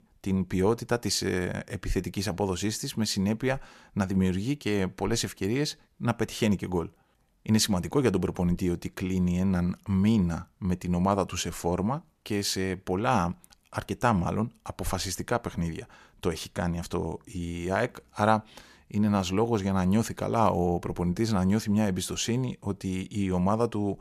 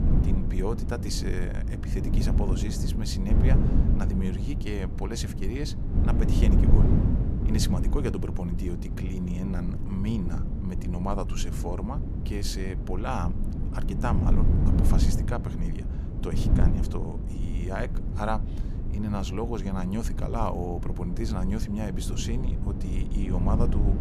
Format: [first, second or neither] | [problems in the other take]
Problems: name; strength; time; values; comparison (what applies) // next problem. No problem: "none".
first | wind noise on the microphone; heavy; 3 dB below the speech